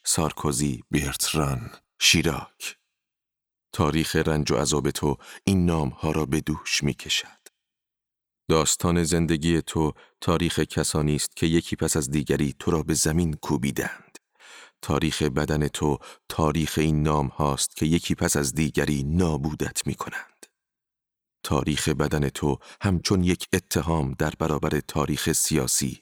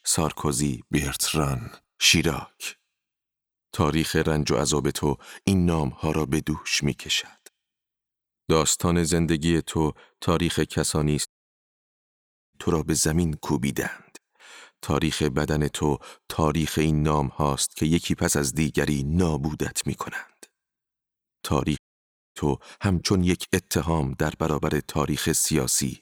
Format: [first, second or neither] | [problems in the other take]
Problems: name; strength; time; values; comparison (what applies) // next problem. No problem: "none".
first | audio cutting out; at 11 s for 1.5 s and at 22 s for 0.5 s